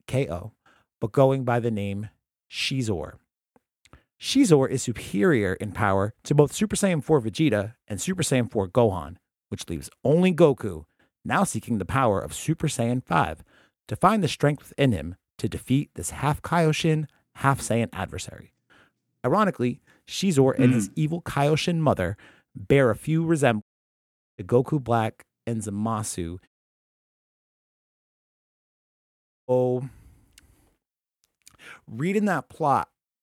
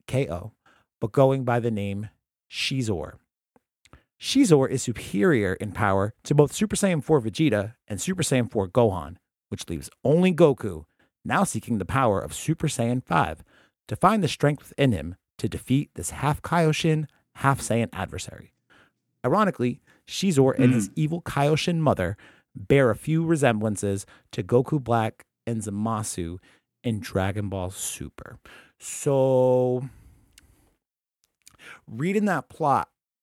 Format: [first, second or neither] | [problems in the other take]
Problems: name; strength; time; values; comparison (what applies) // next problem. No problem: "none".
second | audio cutting out; at 24 s for 1 s and at 26 s for 3 s